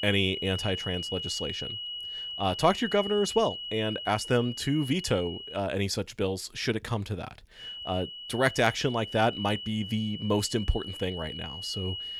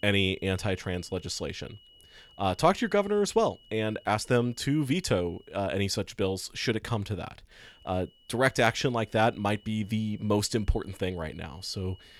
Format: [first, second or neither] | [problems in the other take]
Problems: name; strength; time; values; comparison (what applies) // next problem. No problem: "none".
second | high-pitched whine; loud; until 5.5 s and from 7.5 s on; 3 kHz, 7 dB below the speech; faint in the second